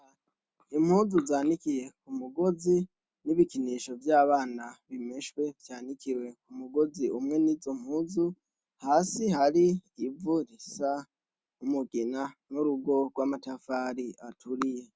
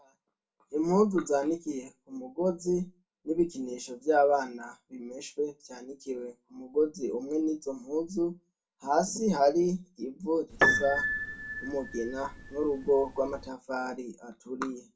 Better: first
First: none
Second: background sound (Piano); 2 dB below the speech // room echo; dies away in 0.2 s

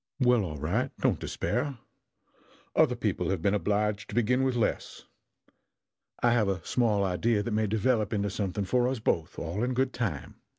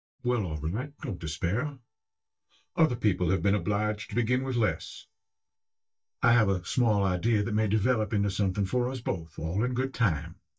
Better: first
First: none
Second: noise reduction (neural mask model DeepFilterNet 3)

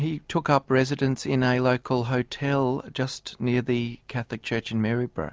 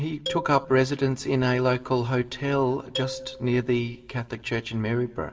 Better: first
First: none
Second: background sound (Marimba, xylophone); 14 dB below the speech // room echo; dies away in 1.4 s

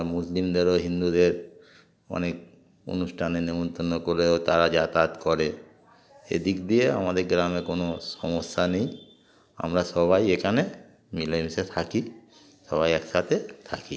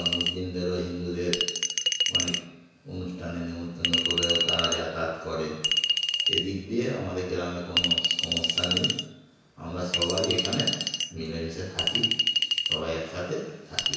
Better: first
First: none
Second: background sound (Chink, clink); 3 dB above the speech // room echo; dies away in 1.1 s

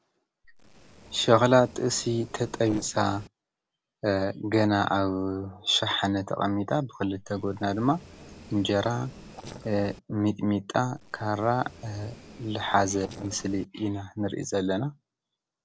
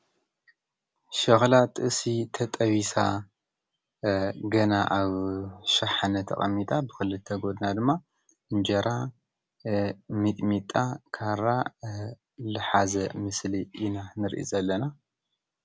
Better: second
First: noise reduction (neural separator model SepFormer DNS4)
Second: none

